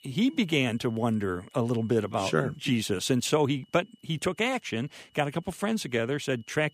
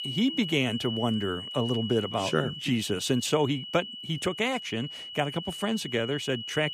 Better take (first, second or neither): first